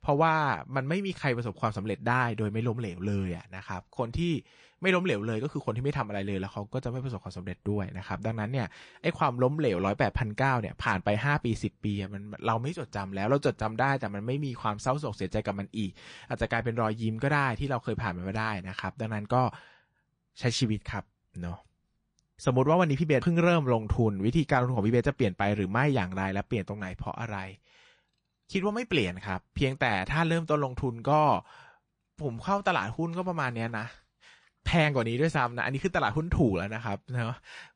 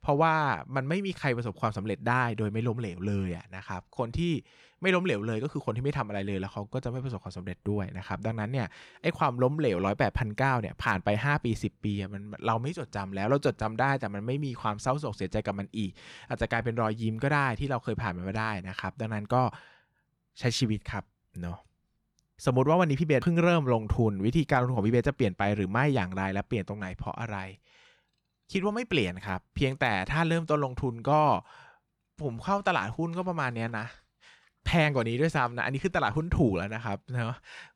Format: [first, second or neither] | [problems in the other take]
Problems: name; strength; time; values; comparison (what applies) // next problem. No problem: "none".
second | garbled, watery; slightly